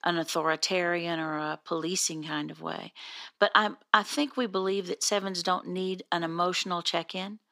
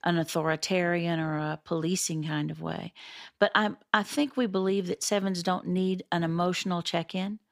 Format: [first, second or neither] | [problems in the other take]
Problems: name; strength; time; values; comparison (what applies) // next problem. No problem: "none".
second | thin; very slightly; fading below 300 Hz